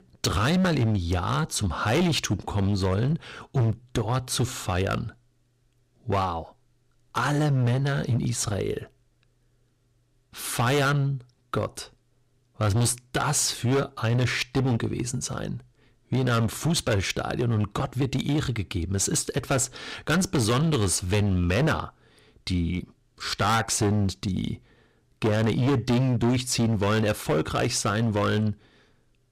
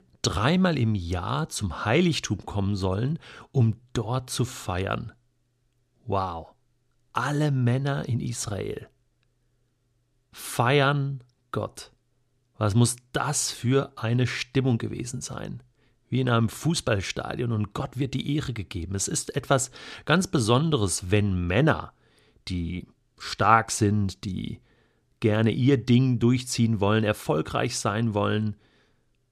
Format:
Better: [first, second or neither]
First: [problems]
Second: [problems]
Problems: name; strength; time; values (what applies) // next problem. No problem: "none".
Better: second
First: distortion; heavy; 13% of the sound clipped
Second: none